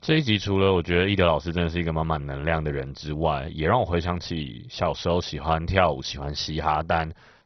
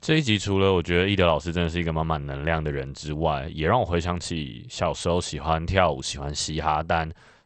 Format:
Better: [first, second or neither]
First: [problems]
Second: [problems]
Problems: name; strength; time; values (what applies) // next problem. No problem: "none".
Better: second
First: garbled, watery; badly; nothing above 6 kHz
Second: garbled, watery; slightly; nothing above 8.5 kHz